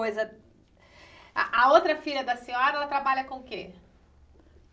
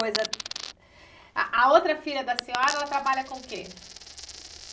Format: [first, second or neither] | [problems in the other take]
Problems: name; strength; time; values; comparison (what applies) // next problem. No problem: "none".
first | background sound (Coin (dropping)); 11 dB below the speech